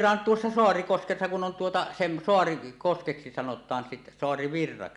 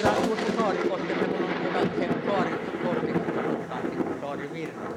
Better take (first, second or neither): first